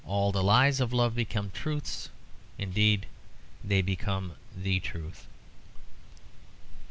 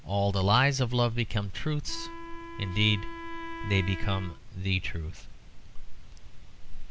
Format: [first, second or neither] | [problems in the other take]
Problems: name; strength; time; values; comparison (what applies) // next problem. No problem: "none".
first | background sound (Wind instrument, woodwind instrument); 14 dB below the speech